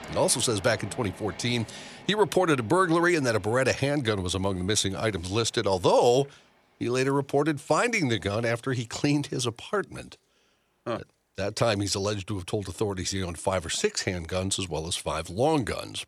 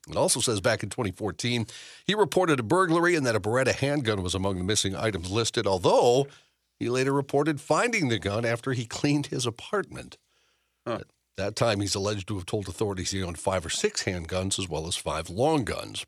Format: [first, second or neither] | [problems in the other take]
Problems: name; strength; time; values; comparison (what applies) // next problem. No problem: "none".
second | train or aircraft noise; faint; throughout; 20 dB below the speech